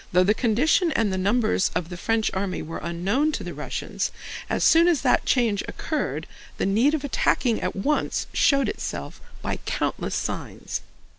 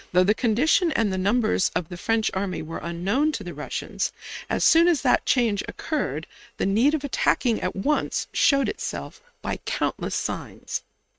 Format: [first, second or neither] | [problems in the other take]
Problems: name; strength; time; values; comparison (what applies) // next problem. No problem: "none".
first | noise reduction (neural mask model RNNoise)